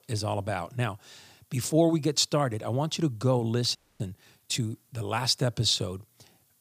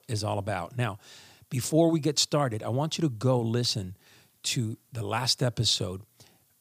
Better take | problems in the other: second | audio freezing; at 4 s

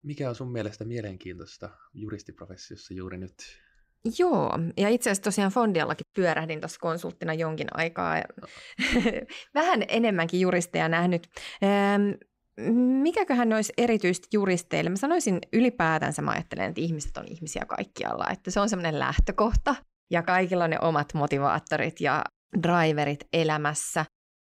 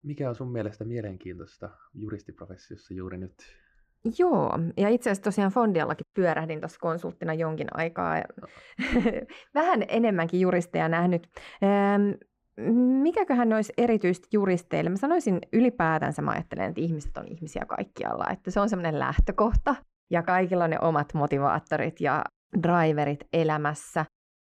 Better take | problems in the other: first | muffled; slightly; fading above 2.5 kHz

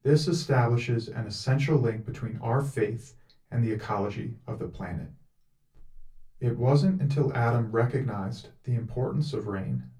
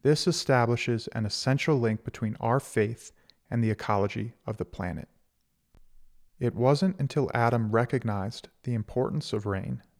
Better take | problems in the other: second | off-mic speech; far // room echo; very slight; dies away in 0.2 s

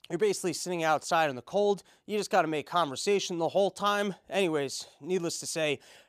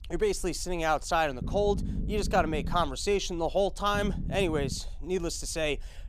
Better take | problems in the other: first | low rumble; noticeable; throughout; 15 dB below the speech

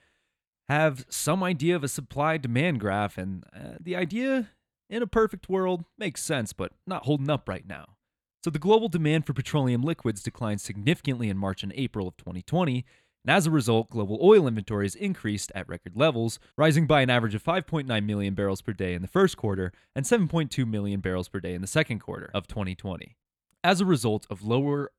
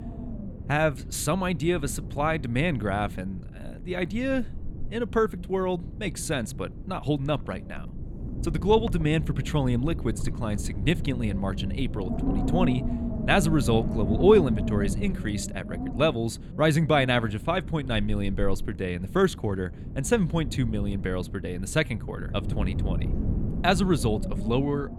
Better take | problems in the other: first | wind noise on the microphone; occasional gusts; 15 dB below the speech

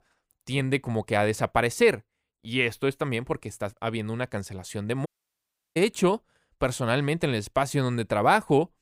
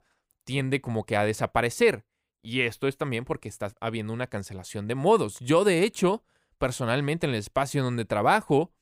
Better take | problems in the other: second | audio cutting out; at 5 s for 0.5 s

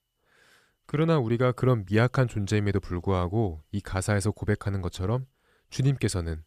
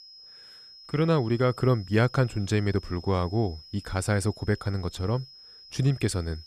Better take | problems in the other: first | high-pitched whine; noticeable; throughout; 5 kHz, 20 dB below the speech

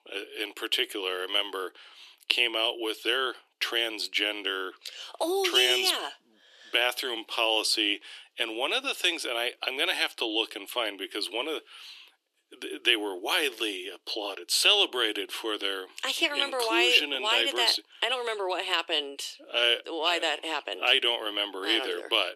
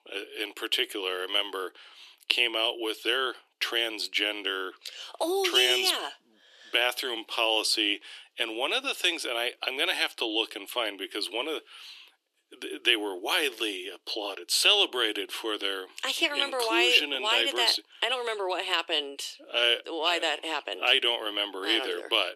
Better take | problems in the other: neither | thin; very; fading below 300 Hz; the same in both

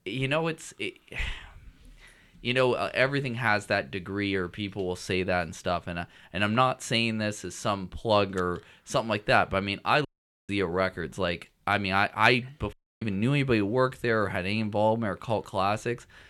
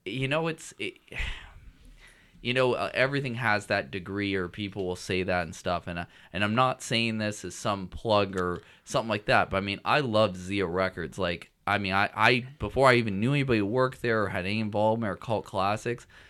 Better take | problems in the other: second | audio cutting out; at 10 s and at 13 s

